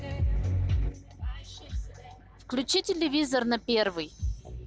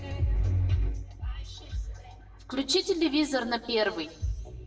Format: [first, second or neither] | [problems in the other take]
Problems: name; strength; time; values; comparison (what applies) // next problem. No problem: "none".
first | room echo; dies away in 0.6 s